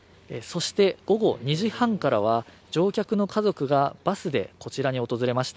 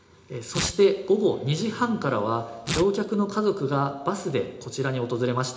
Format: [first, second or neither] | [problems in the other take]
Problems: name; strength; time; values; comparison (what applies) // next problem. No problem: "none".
first | background sound (Tearing); 13 dB below the speech // room echo; dies away in 0.8 s